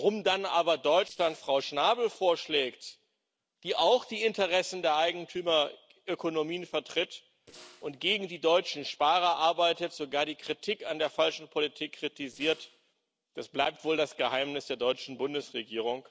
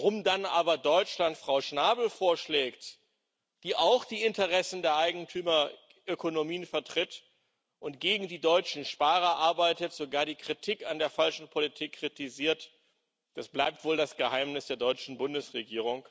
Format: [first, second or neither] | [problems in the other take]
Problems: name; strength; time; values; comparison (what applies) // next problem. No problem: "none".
second | noise reduction (neural separator model SepFormer DNS4)